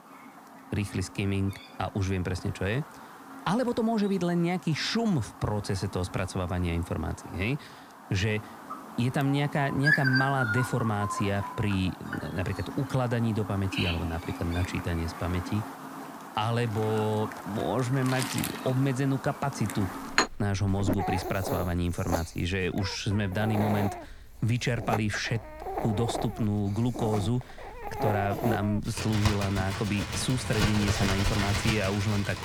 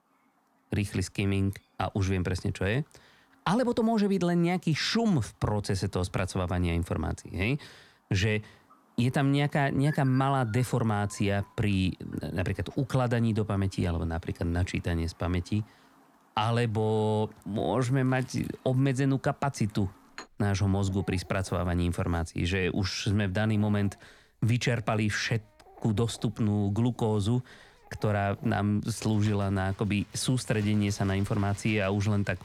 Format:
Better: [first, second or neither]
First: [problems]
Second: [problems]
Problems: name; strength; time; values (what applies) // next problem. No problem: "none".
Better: second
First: animal sounds; loud; throughout; 4 dB below the speech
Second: animal sounds; faint; throughout; 25 dB below the speech